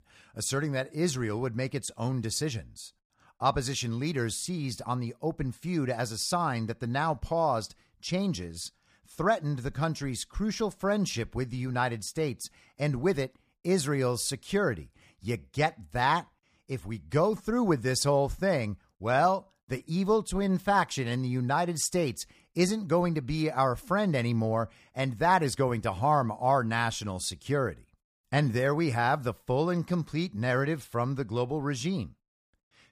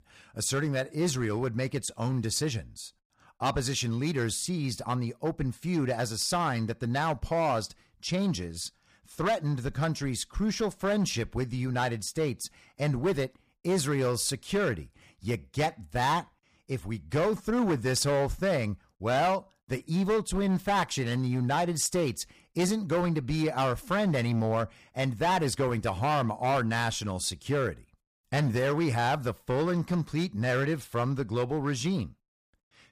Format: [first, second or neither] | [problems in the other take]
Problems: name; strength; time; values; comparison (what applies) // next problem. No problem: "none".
first | distortion; slight; 8% of the sound clipped